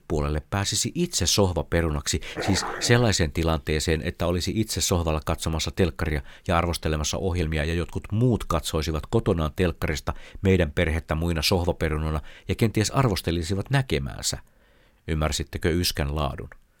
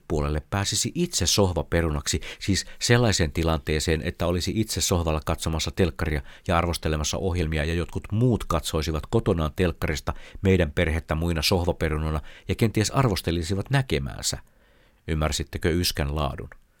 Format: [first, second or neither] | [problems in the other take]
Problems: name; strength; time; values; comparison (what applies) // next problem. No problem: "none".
second | dog barking; noticeable; at 2.5 s; peak 6 dB below the speech